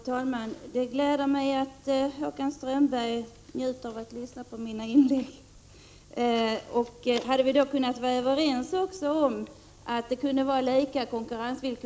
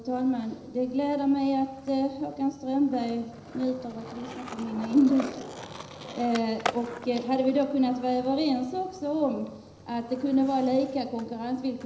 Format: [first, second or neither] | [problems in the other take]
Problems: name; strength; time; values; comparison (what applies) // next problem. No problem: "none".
first | background sound (Skateboard); 15 dB below the speech // room echo; dies away in 0.9 s